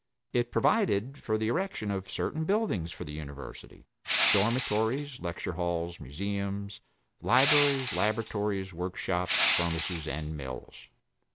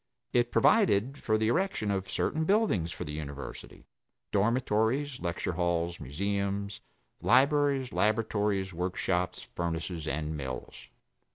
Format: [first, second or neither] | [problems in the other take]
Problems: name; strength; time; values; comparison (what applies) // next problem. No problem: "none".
second | background sound (Crushing); 3 dB below the speech